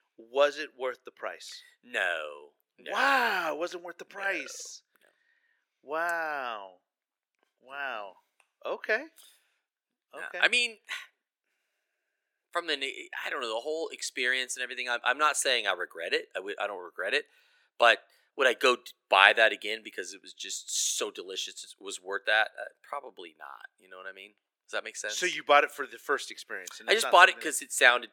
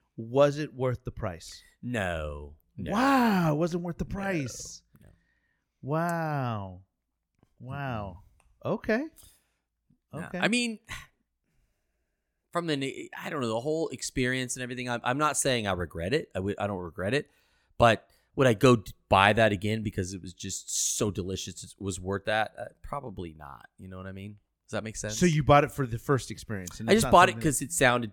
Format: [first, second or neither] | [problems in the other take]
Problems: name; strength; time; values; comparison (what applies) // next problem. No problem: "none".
second | thin; very; fading below 400 Hz